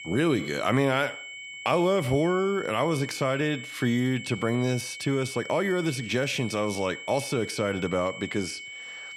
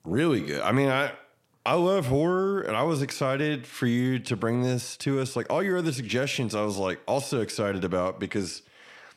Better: second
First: high-pitched whine; noticeable; throughout; 2 kHz, 10 dB below the speech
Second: none

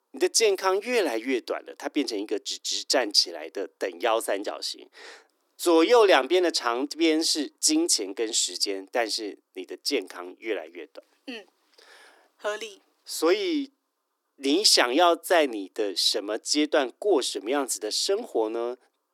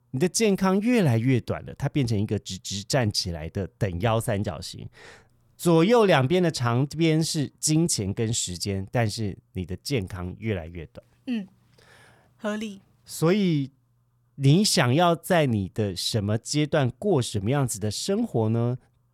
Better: second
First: thin; somewhat; fading below 300 Hz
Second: none

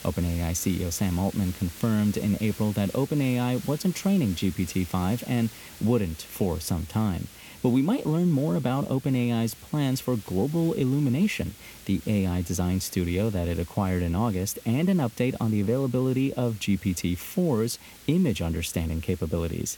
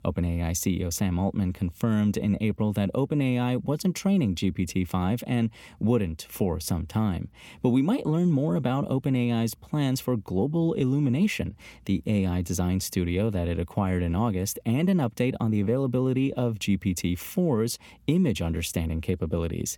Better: second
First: hiss; noticeable; throughout; 20 dB below the speech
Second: none

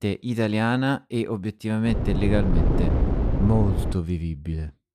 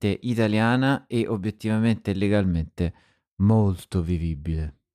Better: second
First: wind noise on the microphone; heavy; from 2 to 4 s; 4 dB below the speech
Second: none

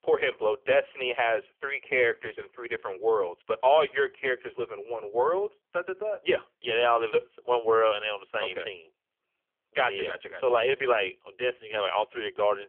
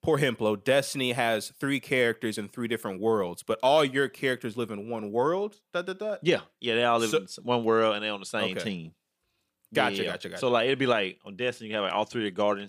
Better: second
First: phone-call audio; poor line; nothing above 3.5 kHz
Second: none

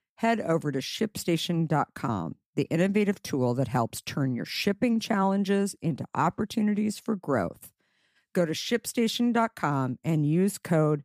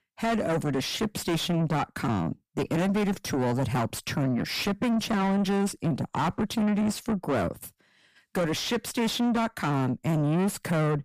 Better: first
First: none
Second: distortion; heavy; 7 dB below the speech

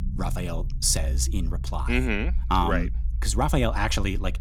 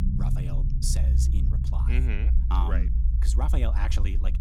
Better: first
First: low rumble; faint; throughout; 20 dB below the speech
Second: low rumble; loud; throughout; 6 dB below the speech

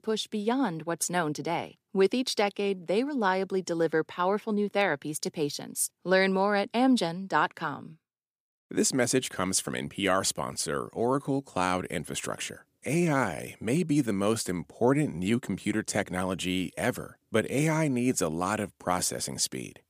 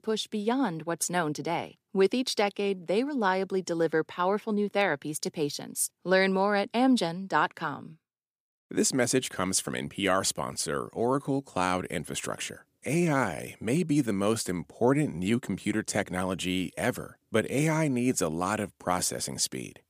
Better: neither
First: none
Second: none

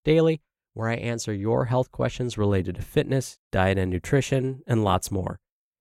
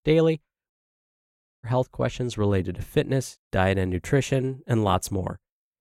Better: first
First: none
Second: audio cutting out; at 0.5 s for 1 s

